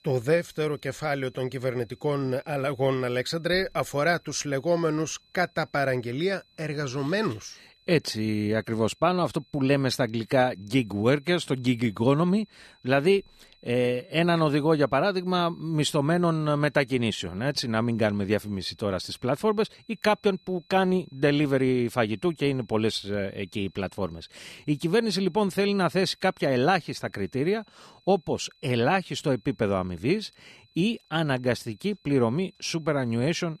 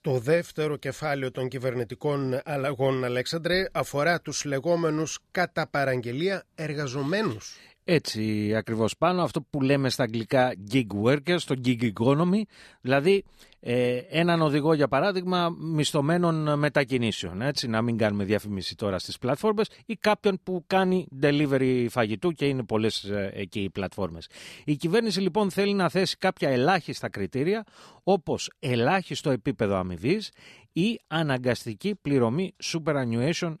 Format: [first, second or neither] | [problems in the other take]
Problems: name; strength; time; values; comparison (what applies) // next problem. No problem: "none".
second | high-pitched whine; faint; throughout; 4 kHz, 35 dB below the speech